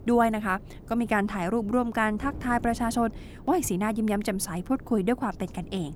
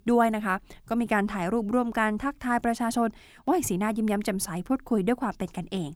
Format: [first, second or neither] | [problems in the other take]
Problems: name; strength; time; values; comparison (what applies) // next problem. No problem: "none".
second | wind noise on the microphone; occasional gusts; 25 dB below the speech